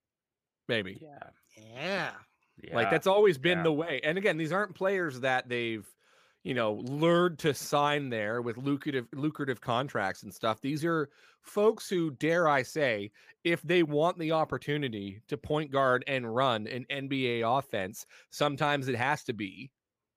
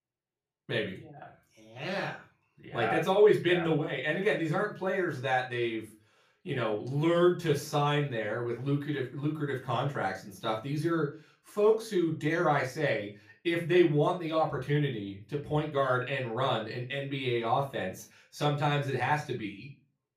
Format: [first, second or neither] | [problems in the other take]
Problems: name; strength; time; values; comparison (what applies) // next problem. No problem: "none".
first | off-mic speech; far // room echo; very slight; dies away in 0.3 s